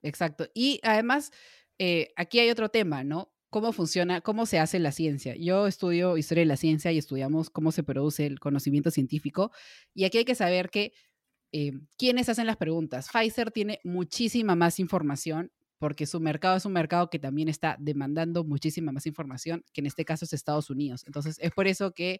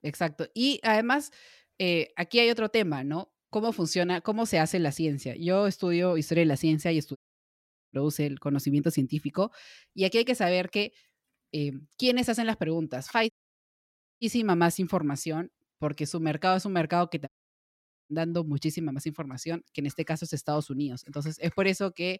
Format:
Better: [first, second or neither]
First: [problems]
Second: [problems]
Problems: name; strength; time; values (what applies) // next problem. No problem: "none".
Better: first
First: none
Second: audio cutting out; at 7 s for 1 s, at 13 s for 1 s and at 17 s for 1 s